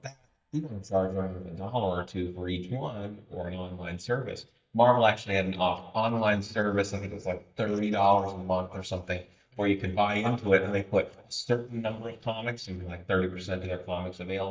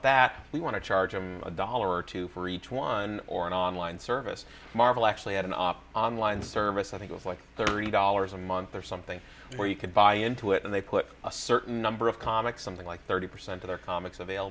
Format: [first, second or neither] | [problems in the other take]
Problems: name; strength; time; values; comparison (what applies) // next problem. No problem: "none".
second | noise reduction (neural mask model DeepFilterNet 3)